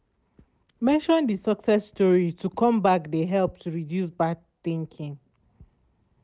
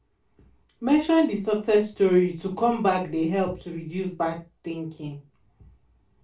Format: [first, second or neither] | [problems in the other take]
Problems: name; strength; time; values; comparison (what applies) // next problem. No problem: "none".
first | room echo; dies away in 0.2 s